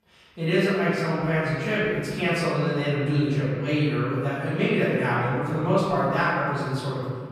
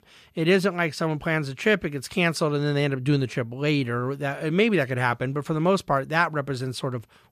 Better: second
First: room echo; strong; dies away in 1.9 s // off-mic speech; far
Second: none

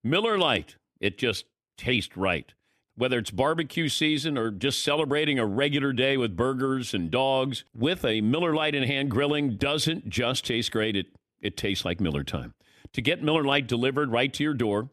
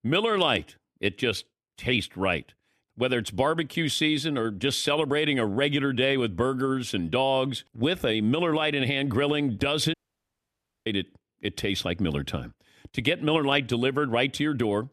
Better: first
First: none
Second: audio cutting out; at 10 s for 1 s

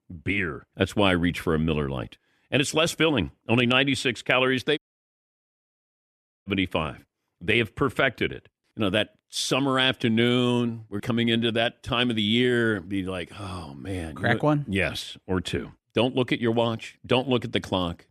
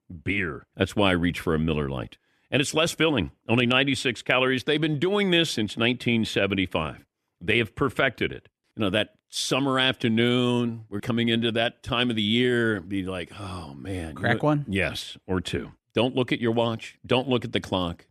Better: second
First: audio cutting out; at 5 s for 1.5 s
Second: none

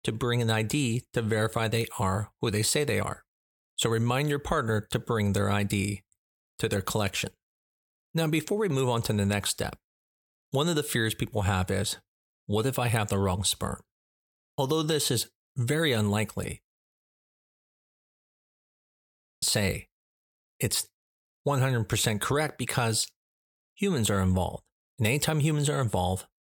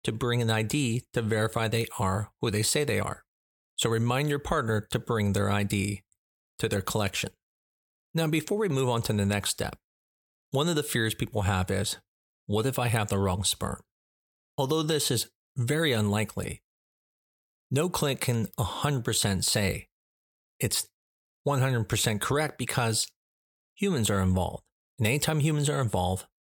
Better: second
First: audio cutting out; at 17 s for 2.5 s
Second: none

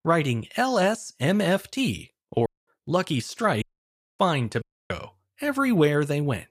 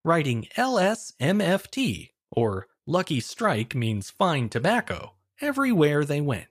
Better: second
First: audio cutting out; at 2.5 s, at 3.5 s for 0.5 s and at 4.5 s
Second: none

